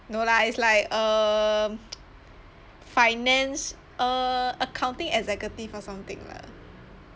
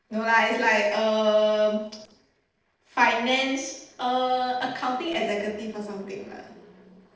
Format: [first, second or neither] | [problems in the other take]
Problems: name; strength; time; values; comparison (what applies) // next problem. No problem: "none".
first | noise reduction (neural separator model SepFormer DNS4)